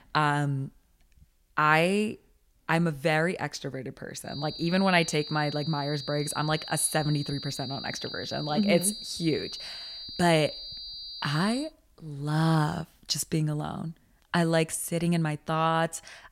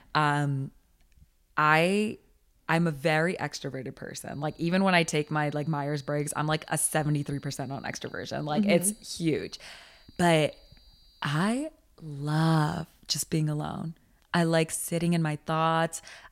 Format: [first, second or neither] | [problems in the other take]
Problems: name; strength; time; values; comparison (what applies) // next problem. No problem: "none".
second | high-pitched whine; loud; from 4.5 to 12 s; 4.5 kHz, 9 dB below the speech; faint in the second